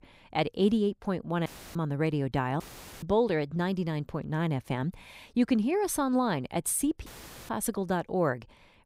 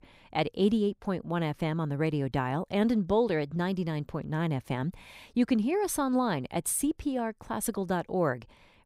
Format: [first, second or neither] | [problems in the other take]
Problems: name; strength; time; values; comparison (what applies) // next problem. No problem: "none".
second | audio cutting out; filled with static; at 1.5 s, at 2.5 s and at 7 s